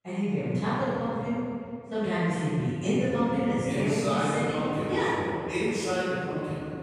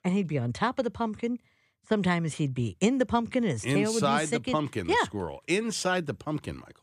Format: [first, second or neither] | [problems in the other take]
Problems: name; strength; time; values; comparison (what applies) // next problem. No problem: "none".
second | off-mic speech; far // room echo; strong; dies away in 2.3 s